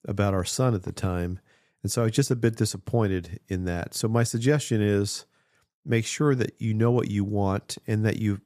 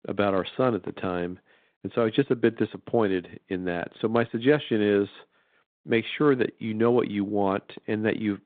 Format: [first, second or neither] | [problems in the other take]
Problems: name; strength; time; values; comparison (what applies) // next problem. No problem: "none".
first | phone-call audio; nothing above 3.5 kHz